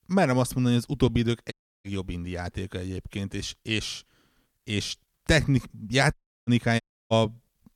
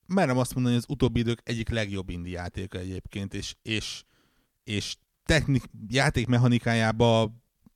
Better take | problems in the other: second | audio cutting out; at 1.5 s, at 6 s and at 7 s

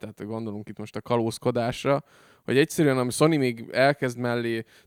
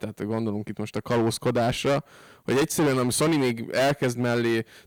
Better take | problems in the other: first | distortion; heavy; 15% of the sound clipped

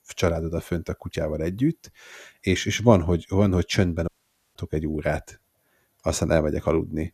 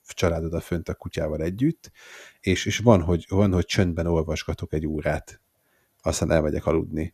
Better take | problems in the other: second | audio cutting out; at 4 s

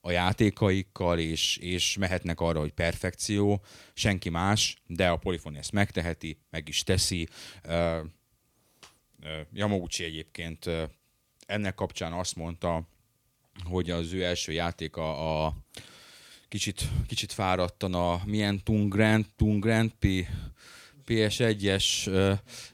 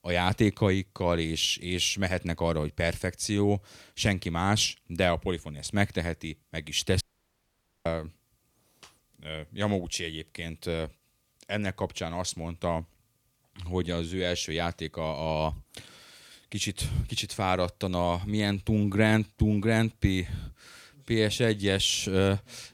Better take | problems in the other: first | audio cutting out; at 7 s for 1 s

